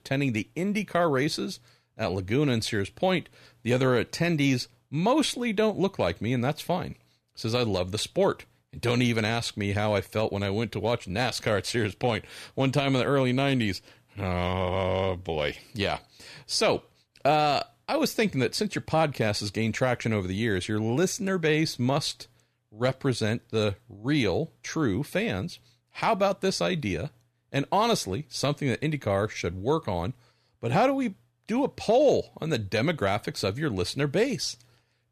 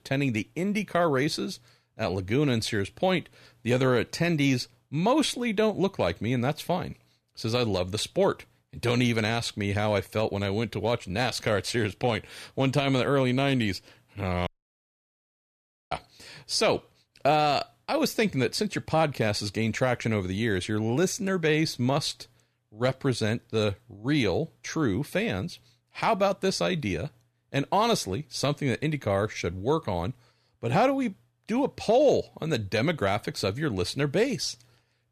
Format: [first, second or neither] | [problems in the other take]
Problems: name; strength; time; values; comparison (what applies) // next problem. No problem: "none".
first | audio cutting out; at 14 s for 1.5 s